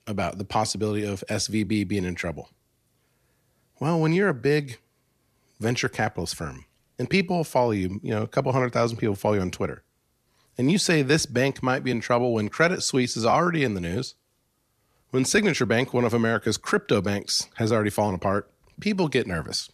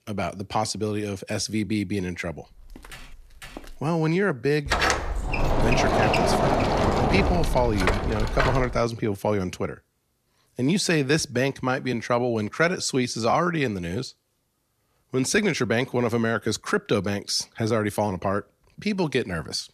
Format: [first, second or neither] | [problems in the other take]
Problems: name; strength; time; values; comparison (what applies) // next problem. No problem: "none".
first | footsteps; faint; from 2.5 to 4 s; peak 15 dB below the speech // door banging; loud; from 4.5 to 9 s; peak 4 dB above the speech